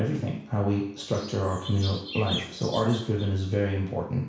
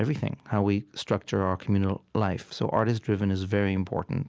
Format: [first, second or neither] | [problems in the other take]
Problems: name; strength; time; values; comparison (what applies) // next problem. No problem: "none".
second | background sound (Chirp, tweet); 12 dB below the speech // room echo; dies away in 0.7 s